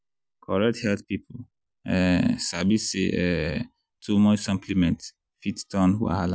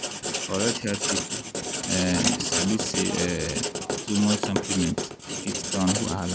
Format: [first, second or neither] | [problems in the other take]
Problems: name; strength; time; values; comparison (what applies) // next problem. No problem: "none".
first | background sound (Writing); as loud as the speech